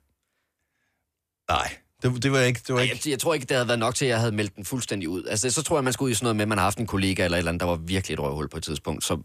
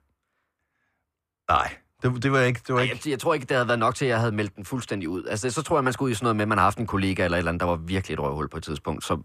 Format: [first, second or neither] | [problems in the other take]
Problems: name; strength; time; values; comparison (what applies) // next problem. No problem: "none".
first | muffled; slightly; fading above 3 kHz